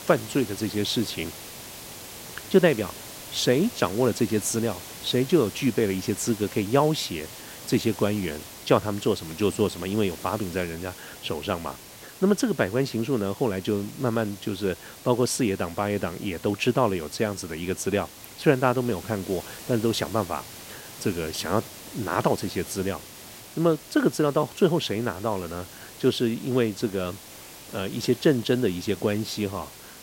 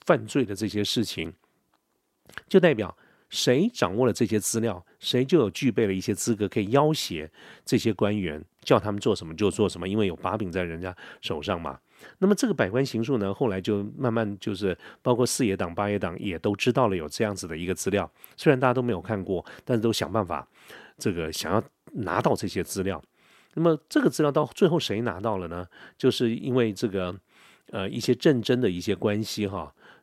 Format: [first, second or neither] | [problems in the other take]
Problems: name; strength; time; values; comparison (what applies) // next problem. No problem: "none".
second | hiss; noticeable; throughout; 15 dB below the speech